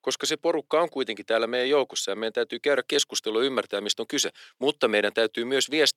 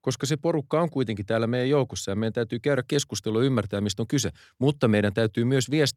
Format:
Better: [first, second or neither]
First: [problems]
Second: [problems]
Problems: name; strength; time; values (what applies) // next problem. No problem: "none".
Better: second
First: thin; somewhat; fading below 350 Hz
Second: none